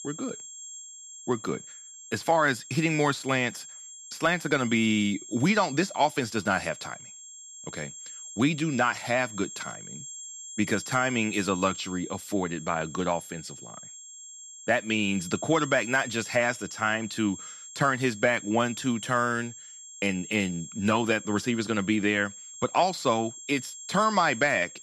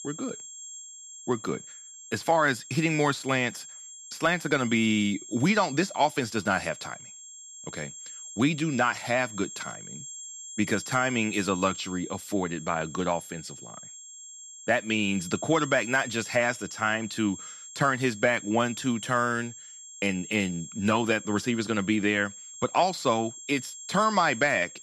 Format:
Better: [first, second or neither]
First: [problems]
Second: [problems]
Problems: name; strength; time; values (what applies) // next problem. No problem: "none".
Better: neither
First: high-pitched whine; noticeable; throughout; 7.5 kHz, 15 dB below the speech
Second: high-pitched whine; noticeable; throughout; 7.5 kHz, 15 dB below the speech